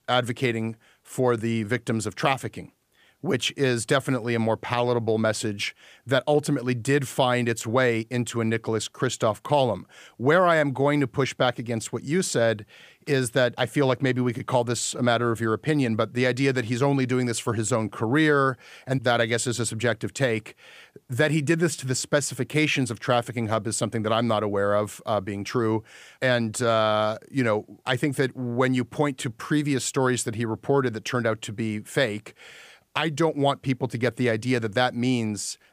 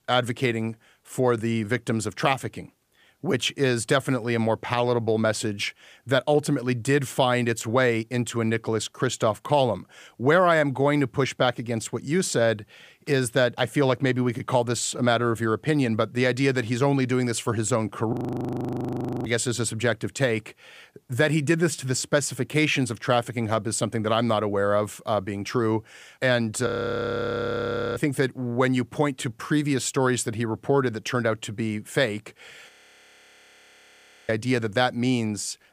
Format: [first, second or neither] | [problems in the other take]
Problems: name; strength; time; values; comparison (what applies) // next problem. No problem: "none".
first | audio freezing; at 18 s for 1 s, at 27 s for 1.5 s and at 33 s for 1.5 s